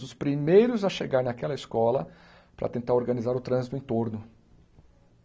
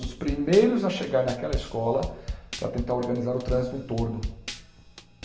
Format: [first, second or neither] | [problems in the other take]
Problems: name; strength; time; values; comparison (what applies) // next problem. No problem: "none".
first | background sound (Drum kit); 9 dB below the speech // room echo; dies away in 0.8 s